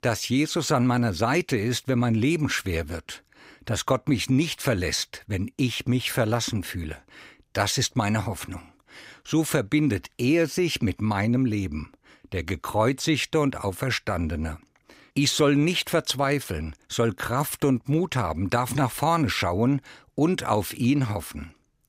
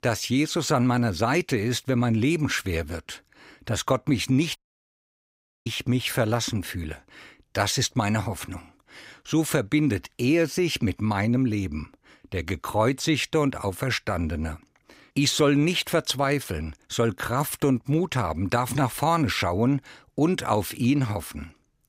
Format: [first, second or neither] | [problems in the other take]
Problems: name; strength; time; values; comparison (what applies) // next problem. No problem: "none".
first | audio cutting out; at 4.5 s for 1 s